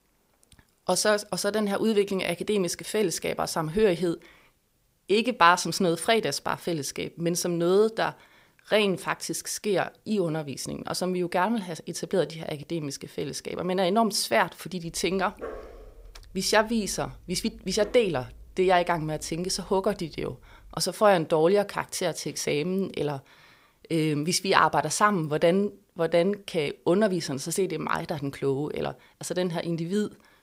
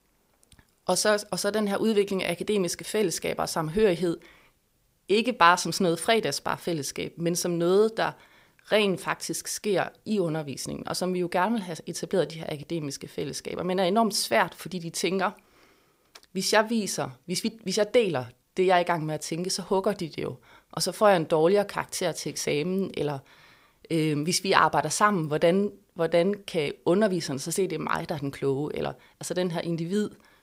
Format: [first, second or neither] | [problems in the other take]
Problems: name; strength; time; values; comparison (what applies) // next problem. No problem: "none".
second | dog barking; faint; from 15 to 21 s; peak 15 dB below the speech